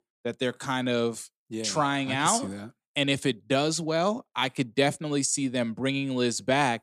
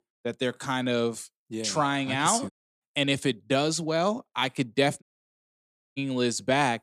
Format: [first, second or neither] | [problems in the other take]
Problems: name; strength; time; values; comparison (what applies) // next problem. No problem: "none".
first | audio cutting out; at 2.5 s and at 5 s for 1 s